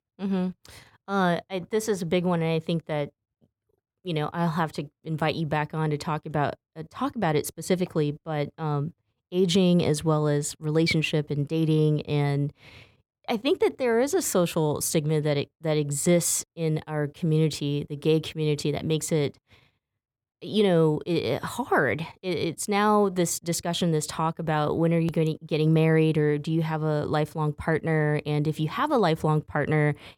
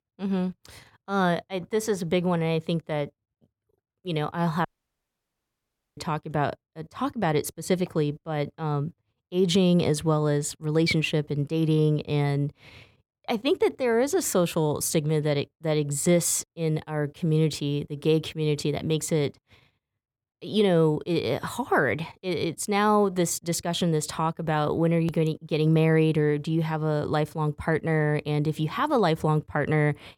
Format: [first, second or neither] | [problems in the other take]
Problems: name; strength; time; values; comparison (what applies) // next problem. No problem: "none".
first | audio cutting out; at 4.5 s for 1.5 s